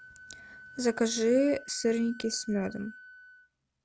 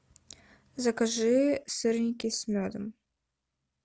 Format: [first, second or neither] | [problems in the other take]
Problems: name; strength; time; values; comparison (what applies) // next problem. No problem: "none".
second | background sound (Wind instrument, woodwind instrument); 19 dB below the speech